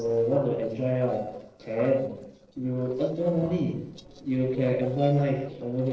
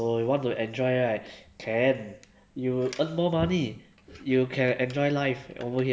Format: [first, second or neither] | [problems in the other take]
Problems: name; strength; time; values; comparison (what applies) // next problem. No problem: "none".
second | noise reduction (neural separator model SepFormer DNS4)